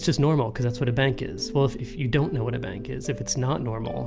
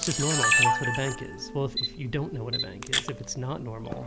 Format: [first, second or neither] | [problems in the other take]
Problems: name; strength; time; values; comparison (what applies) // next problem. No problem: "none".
first | background sound (Camera); 3 dB above the speech